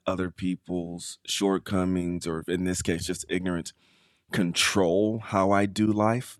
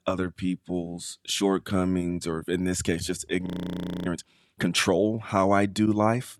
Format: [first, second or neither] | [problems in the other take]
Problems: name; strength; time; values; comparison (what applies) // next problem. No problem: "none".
first | audio freezing; at 3.5 s for 0.5 s